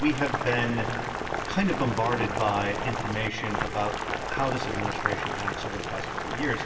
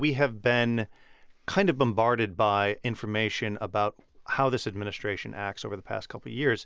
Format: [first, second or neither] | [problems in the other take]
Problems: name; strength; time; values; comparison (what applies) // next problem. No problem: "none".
second | background sound (Boiling); 2 dB below the speech // room echo; dies away in 2.4 s